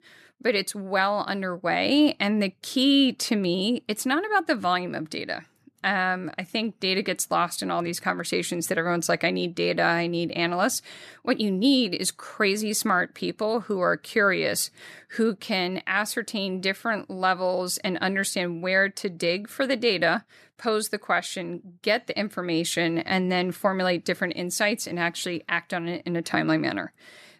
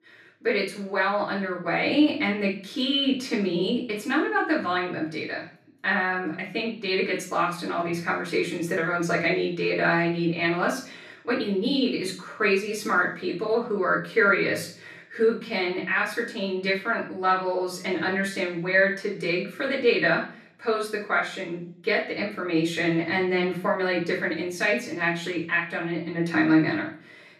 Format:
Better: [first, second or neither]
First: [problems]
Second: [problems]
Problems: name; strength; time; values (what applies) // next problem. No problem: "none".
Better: first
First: none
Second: room echo; noticeable; dies away in 0.5 s // off-mic speech; far